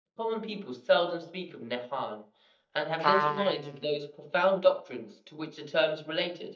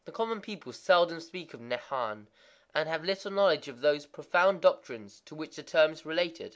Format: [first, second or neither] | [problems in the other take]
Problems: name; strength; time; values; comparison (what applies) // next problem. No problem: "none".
second | noise reduction (neural mask model DeepFilterNet 3)